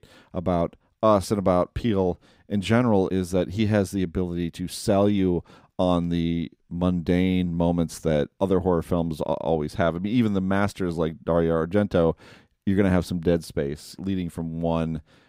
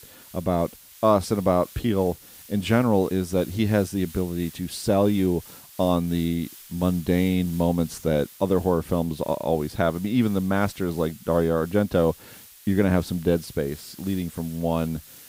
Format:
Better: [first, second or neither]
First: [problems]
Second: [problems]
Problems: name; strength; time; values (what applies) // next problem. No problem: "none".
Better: first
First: none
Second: hiss; noticeable; throughout; 20 dB below the speech